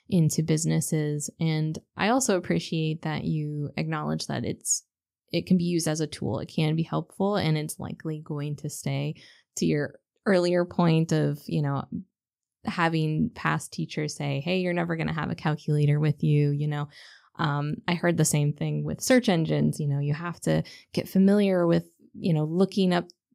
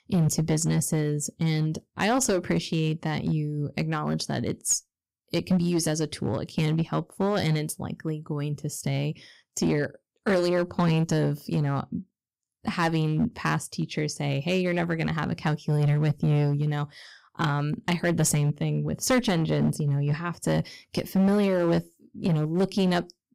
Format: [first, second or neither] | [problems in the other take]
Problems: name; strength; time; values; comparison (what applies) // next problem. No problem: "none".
first | distortion; slight; 7% of the sound clipped